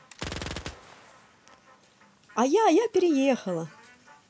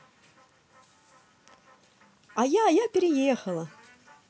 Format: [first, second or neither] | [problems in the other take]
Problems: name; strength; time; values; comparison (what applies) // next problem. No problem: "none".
second | background sound (Gunshot, gunfire); 16 dB below the speech